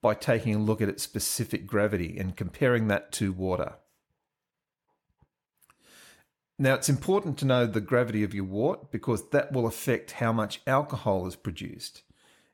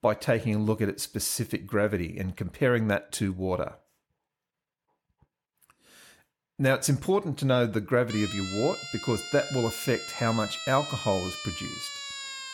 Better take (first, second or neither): first